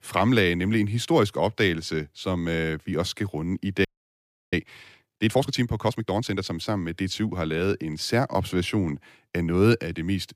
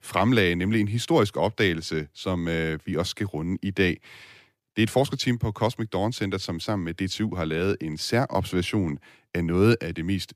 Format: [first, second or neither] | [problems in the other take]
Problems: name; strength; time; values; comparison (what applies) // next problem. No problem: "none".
second | audio freezing; at 4 s for 0.5 s